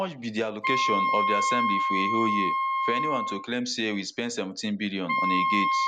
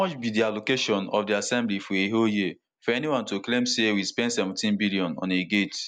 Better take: second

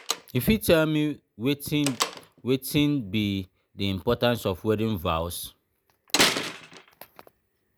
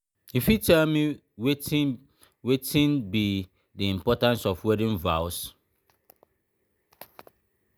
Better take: second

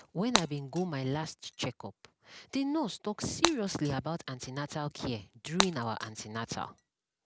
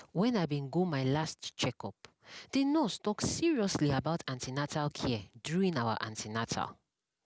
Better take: second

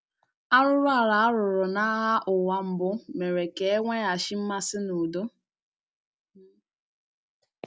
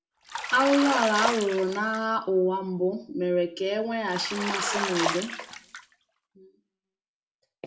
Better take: first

